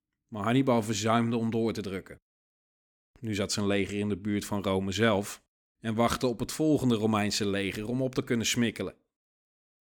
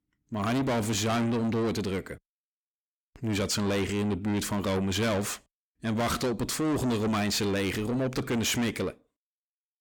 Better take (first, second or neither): first